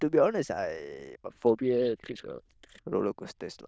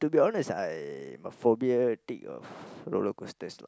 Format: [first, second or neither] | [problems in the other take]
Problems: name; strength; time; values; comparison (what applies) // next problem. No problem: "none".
second | noise reduction (neural diffusion model UNIVERSE++)